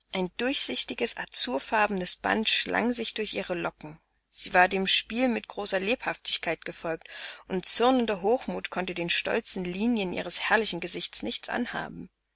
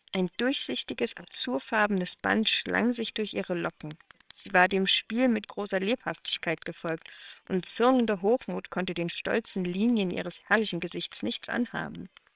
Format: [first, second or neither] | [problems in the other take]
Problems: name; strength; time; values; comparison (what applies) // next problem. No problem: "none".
first | noise reduction (neural separator model SepFormer WHAMR!)